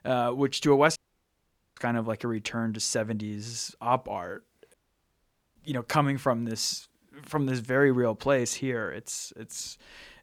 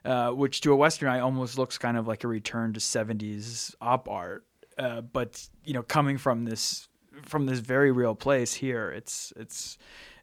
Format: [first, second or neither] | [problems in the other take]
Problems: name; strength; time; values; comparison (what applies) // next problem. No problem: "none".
second | audio cutting out; at 1 s for 1 s and at 4.5 s for 1 s